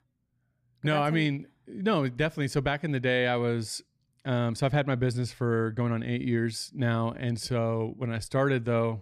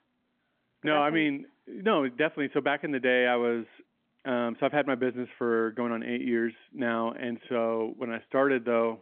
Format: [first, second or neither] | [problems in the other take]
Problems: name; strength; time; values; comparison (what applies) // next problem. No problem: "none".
first | phone-call audio; nothing above 3.5 kHz